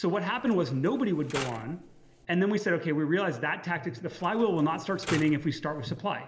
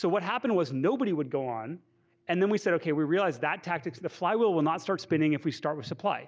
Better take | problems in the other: second | background sound (Mechanisms); 15 dB below the speech // room echo; dies away in 2.4 s

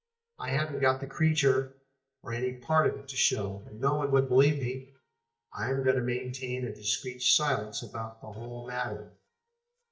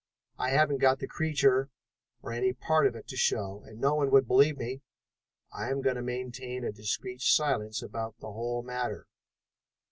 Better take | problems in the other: second | noise reduction (neural mask model DeepFilterNet 3)

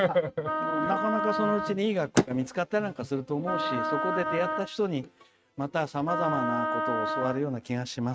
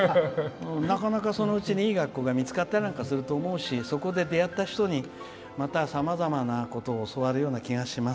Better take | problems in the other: second | noise reduction (neural mask model RNNoise)

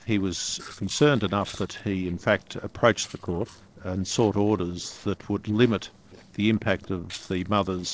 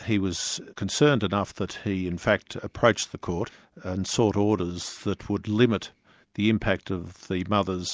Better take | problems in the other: second | noise reduction (neural separator model SepFormer DNS4)

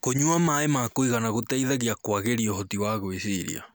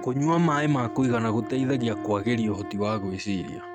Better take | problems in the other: first | noise reduction (neural mask model RNNoise)

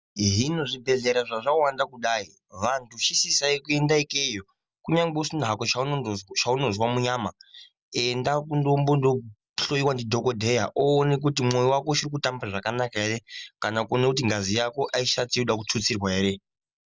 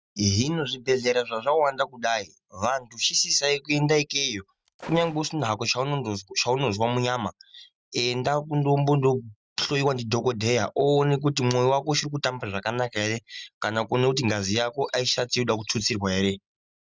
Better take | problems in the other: first | noise reduction (neural mask model RNNoise)

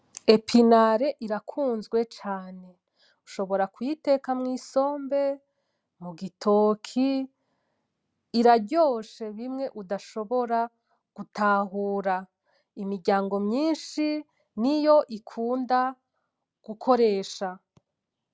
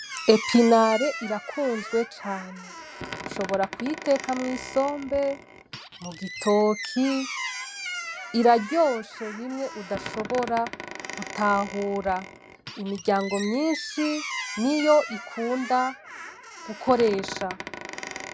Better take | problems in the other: first | background sound (Squeak); 11 dB below the speech

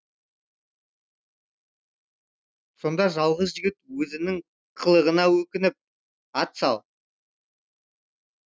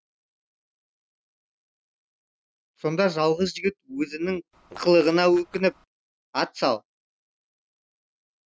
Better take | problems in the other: first | background sound (Fart); 19 dB below the speech

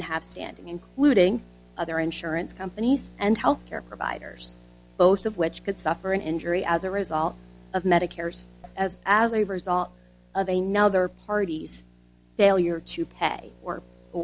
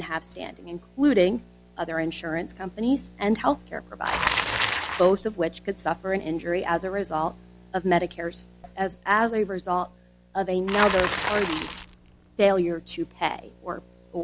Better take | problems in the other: first | background sound (Bicycle); 9 dB below the speech

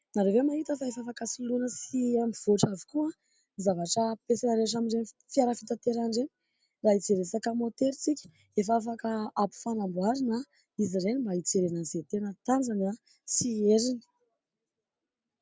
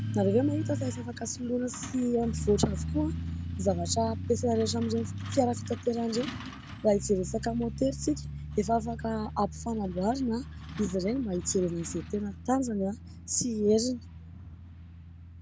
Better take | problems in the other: first | background sound (Truck); 7 dB below the speech

